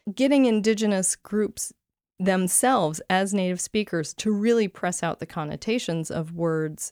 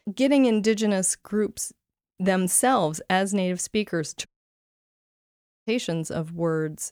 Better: first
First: none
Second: audio cutting out; at 4.5 s for 1.5 s

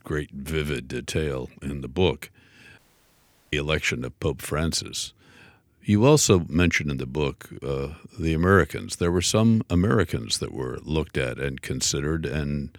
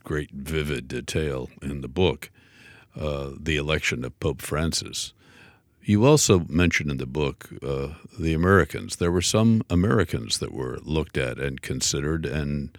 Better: second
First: audio cutting out; at 3 s for 0.5 s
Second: none

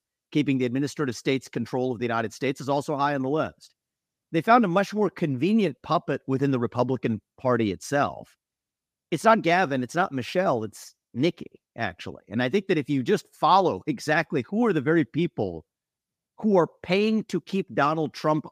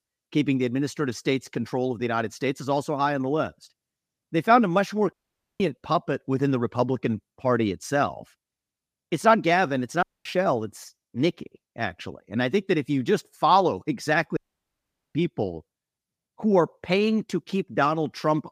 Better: first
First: none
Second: audio cutting out; at 5 s, at 10 s and at 14 s for 1 s

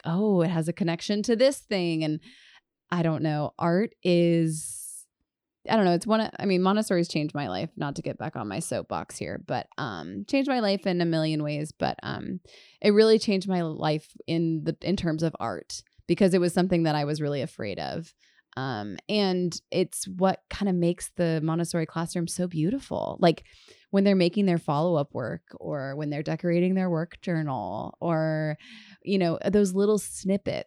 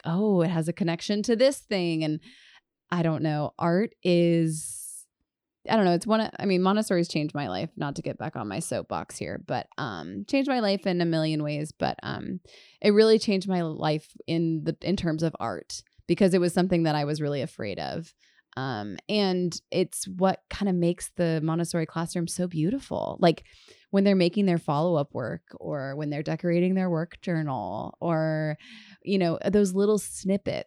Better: neither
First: none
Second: none

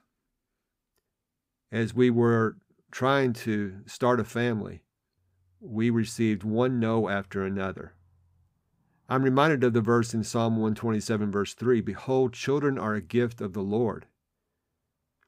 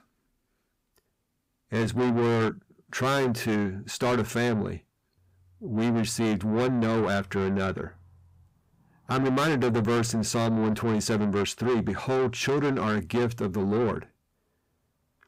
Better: first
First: none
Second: distortion; heavy; 7 dB below the speech

